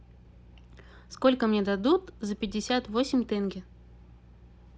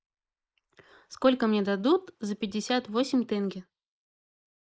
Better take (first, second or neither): first